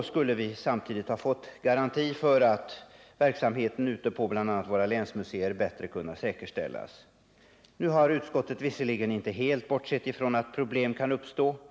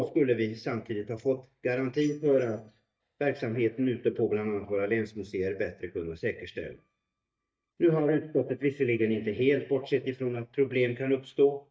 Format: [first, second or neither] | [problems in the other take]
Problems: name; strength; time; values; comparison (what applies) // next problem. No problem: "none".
first | noise reduction (neural mask model DeepFilterNet 3)